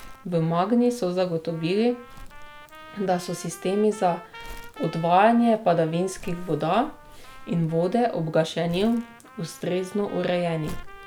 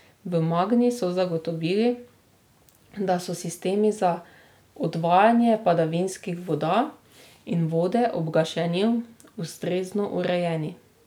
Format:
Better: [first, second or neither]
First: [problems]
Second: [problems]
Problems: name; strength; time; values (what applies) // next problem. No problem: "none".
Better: second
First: background sound (Trumpet + Crumpling, crinkling); 18 dB below the speech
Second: none